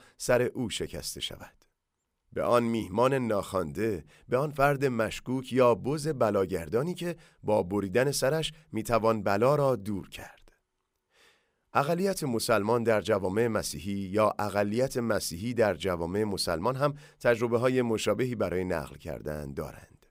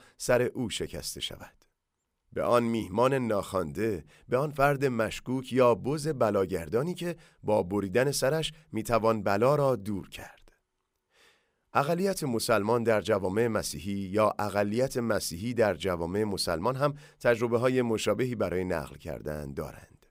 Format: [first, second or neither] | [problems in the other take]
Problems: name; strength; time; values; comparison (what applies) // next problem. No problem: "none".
neither | none